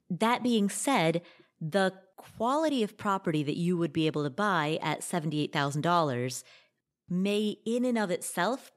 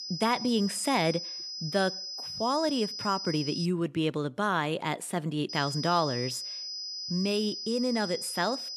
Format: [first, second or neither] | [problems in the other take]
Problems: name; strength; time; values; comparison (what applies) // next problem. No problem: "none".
first | high-pitched whine; loud; until 3.5 s and from 5.5 s on; 5 kHz, 5 dB below the speech